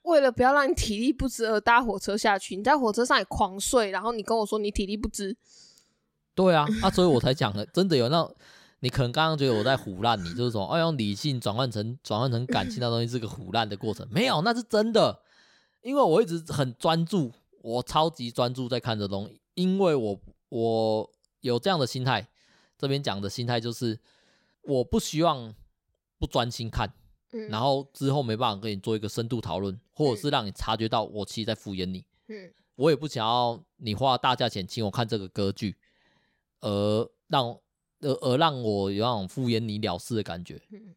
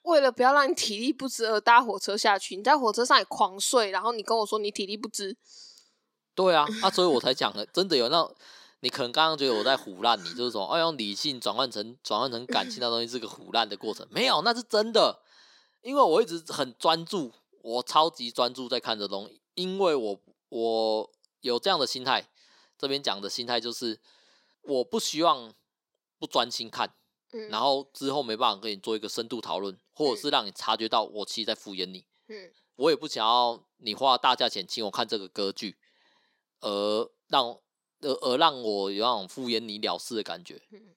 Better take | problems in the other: first | thin; somewhat; fading below 250 Hz

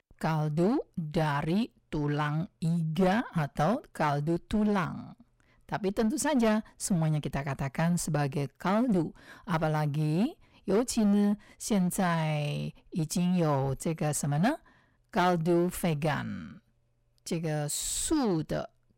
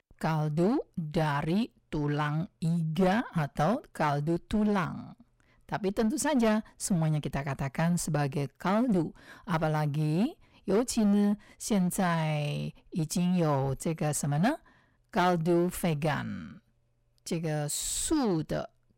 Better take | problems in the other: neither | distortion; slight; 8% of the sound clipped; the same in both

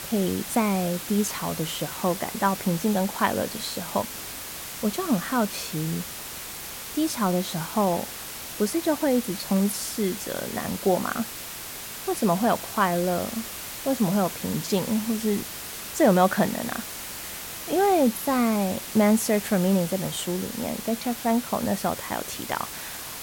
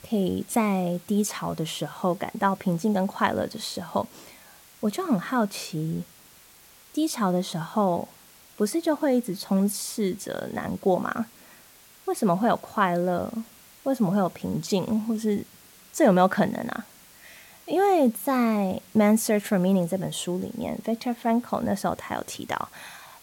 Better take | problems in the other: second | hiss; loud; throughout; 8 dB below the speech; faint in the second

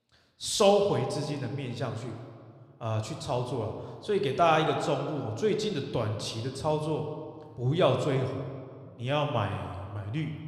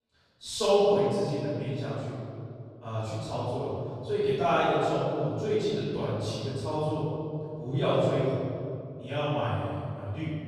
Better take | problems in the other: first | room echo; strong; dies away in 2.4 s; slight in the first // off-mic speech; far

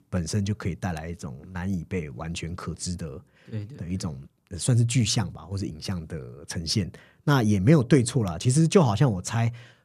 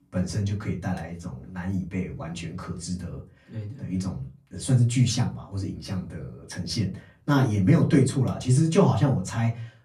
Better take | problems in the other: first | off-mic speech; far // room echo; very slight; dies away in 0.3 s

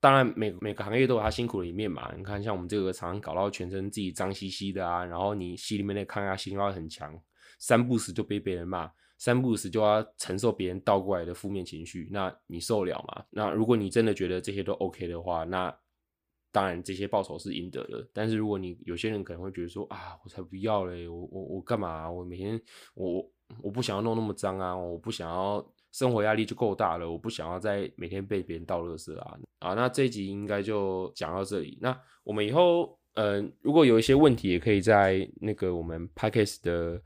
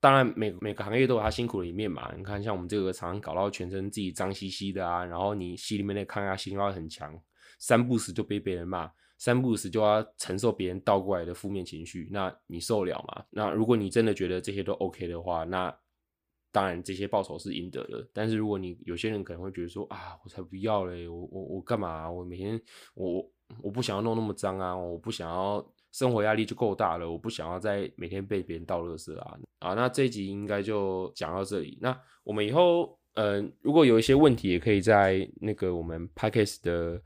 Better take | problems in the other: neither | none

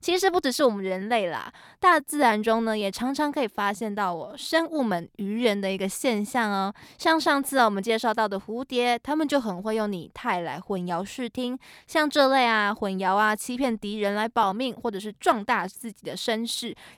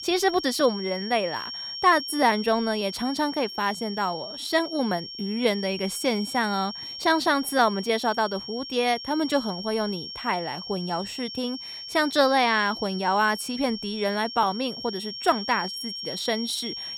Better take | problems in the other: first | high-pitched whine; loud; throughout; 5.5 kHz, 9 dB below the speech

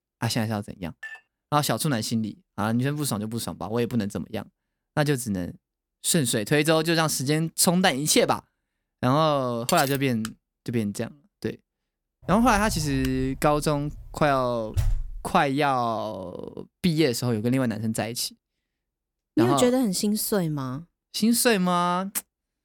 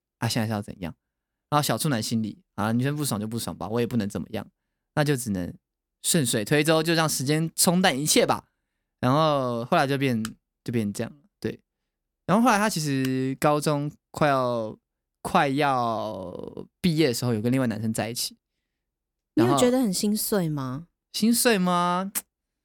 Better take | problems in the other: second | clattering dishes; faint; at 1 s; peak 15 dB below the speech // clattering dishes; noticeable; at 9.5 s; peak 5 dB below the speech // door banging; noticeable; from 12 to 15 s; peak 5 dB below the speech

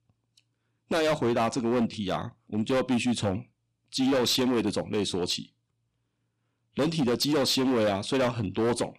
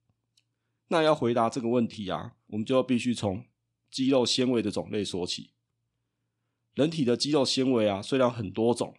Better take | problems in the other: second | distortion; heavy; 14% of the sound clipped

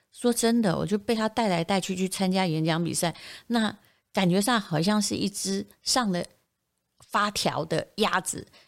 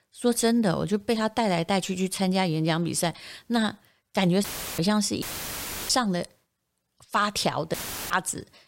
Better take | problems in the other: first | audio cutting out; filled with static; at 4.5 s, at 5 s for 0.5 s and at 7.5 s

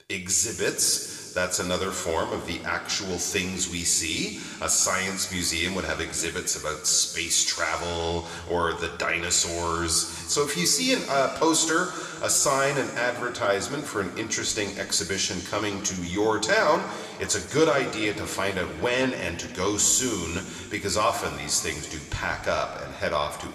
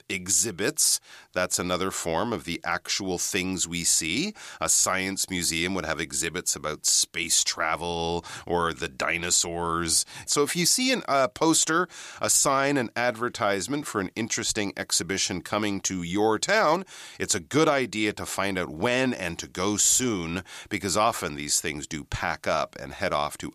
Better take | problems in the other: second | room echo; slight; dies away in 2.1 s

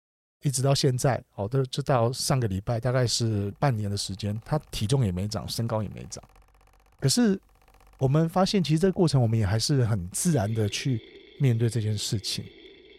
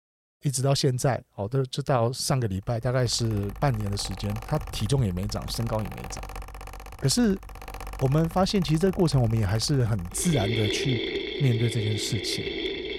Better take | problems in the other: first | machinery noise; loud; from 3 s on; 9 dB below the speech; faint in the first

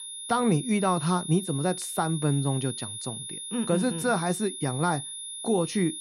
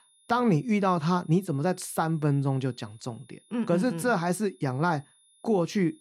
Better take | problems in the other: second | high-pitched whine; loud; throughout; 10.5 kHz, 8 dB below the speech; faint in the second

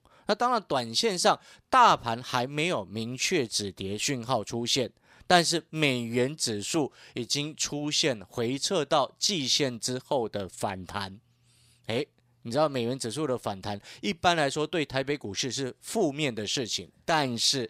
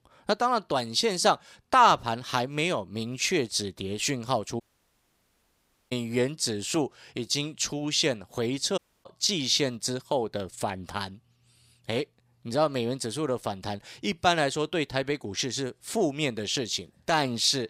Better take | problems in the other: first | audio cutting out; at 4.5 s for 1.5 s and at 9 s

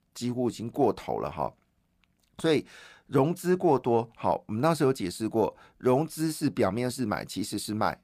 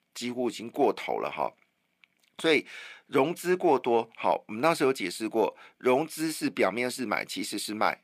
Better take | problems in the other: first | thin; very slightly; fading below 300 Hz

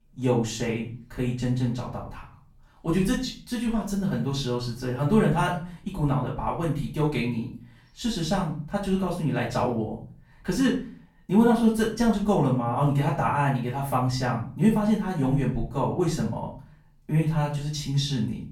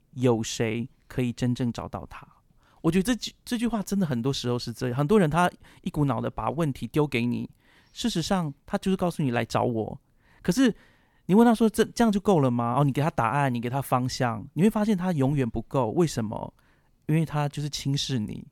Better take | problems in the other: second | off-mic speech; far // room echo; slight; dies away in 0.4 s

